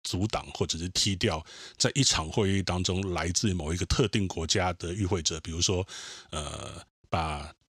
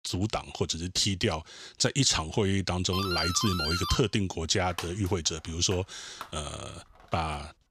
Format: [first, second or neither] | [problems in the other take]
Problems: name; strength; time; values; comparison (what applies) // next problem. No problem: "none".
first | doorbell; noticeable; from 3 s on; peak 1 dB below the speech